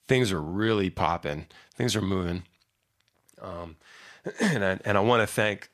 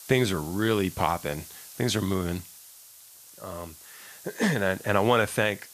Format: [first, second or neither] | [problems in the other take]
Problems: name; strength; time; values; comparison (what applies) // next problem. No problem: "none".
first | hiss; noticeable; throughout; 20 dB below the speech